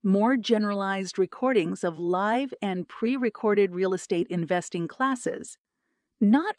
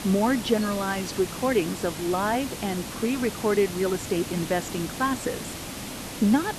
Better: first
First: none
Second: hiss; loud; throughout; 8 dB below the speech

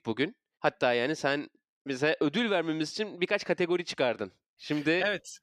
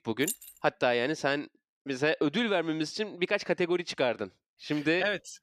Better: first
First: none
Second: jangling keys; noticeable; at the start; peak 6 dB below the speech

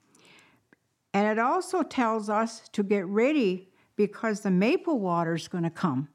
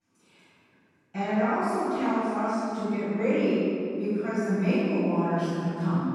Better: first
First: none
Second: room echo; strong; dies away in 2.4 s // off-mic speech; far

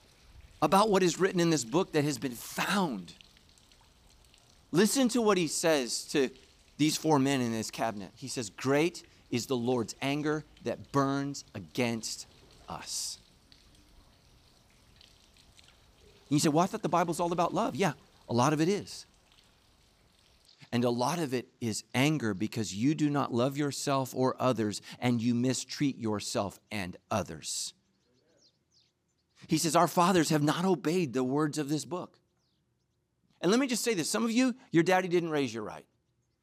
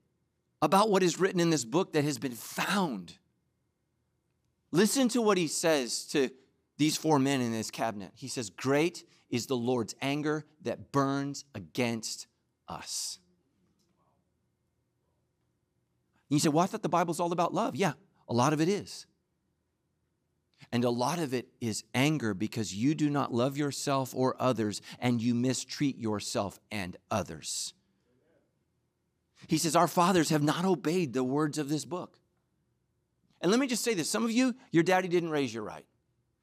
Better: second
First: animal sounds; faint; throughout; 30 dB below the speech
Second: none

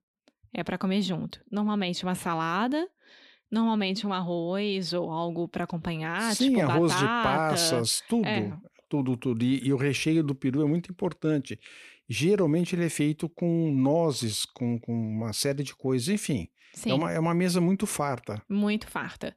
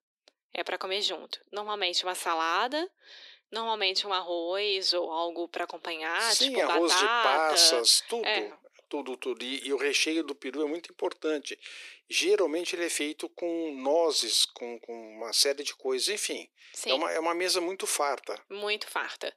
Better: first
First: none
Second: thin; very; fading below 350 Hz

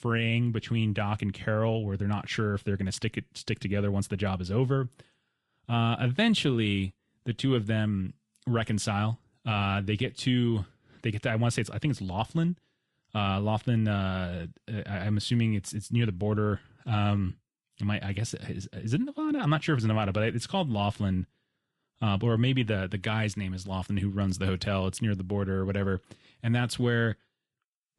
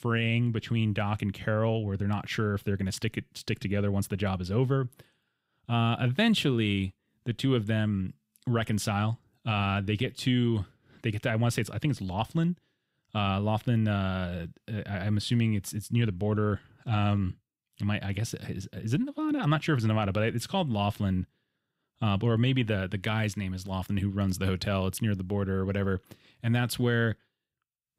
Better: second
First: garbled, watery; slightly; nothing above 11 kHz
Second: none

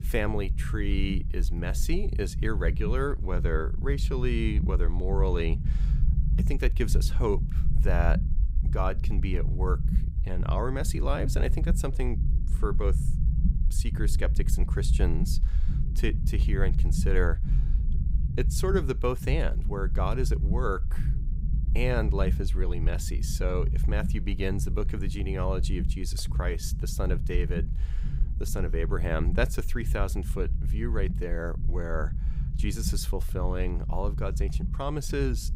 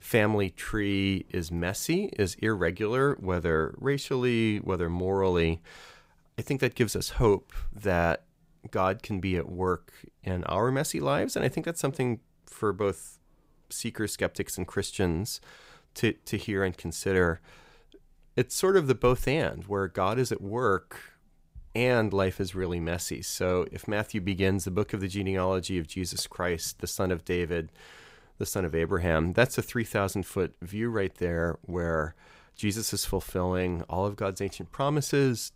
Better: second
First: low rumble; noticeable; throughout; 10 dB below the speech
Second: none

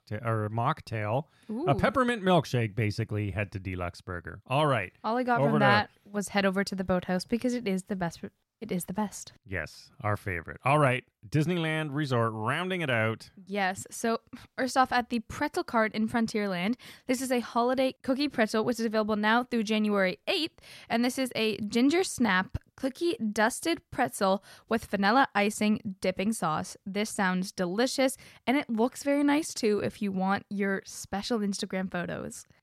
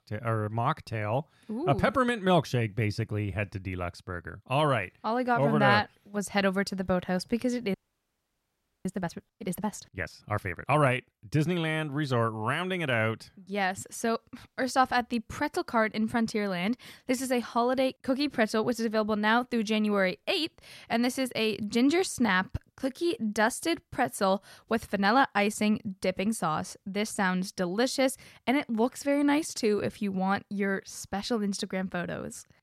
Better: first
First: none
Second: audio freezing; at 7.5 s for 1 s

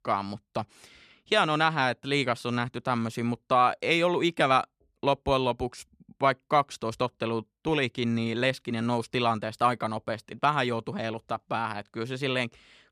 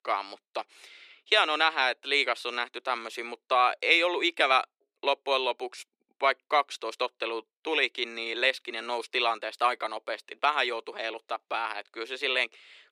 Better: first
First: none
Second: thin; very; fading below 350 Hz

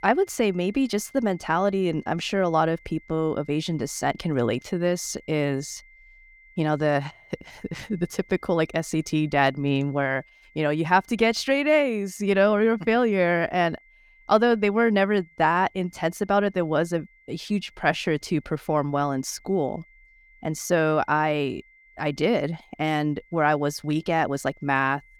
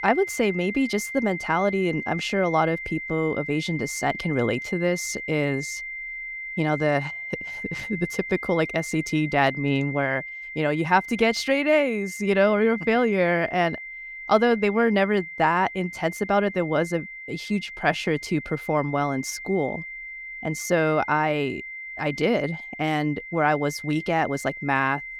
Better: first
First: high-pitched whine; faint; throughout; 2 kHz, 30 dB below the speech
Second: high-pitched whine; loud; throughout; 2 kHz, 9 dB below the speech

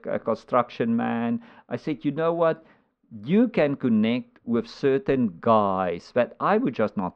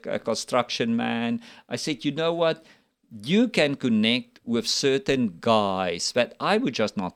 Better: second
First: muffled; very; fading above 1.5 kHz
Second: none

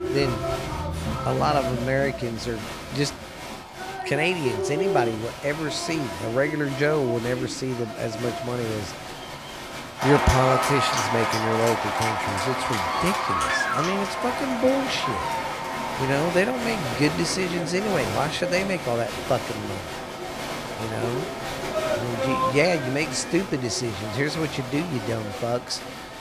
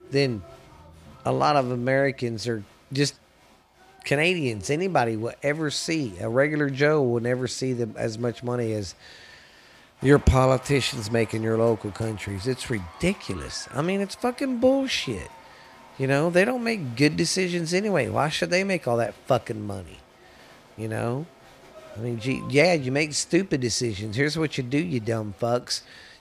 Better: second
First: crowd noise; loud; throughout; 2 dB below the speech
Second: crowd noise; faint; throughout; 25 dB below the speech

